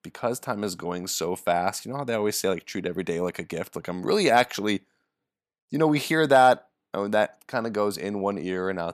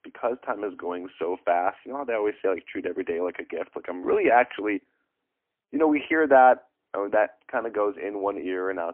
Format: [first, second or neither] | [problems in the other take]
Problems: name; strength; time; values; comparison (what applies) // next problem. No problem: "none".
first | phone-call audio; poor line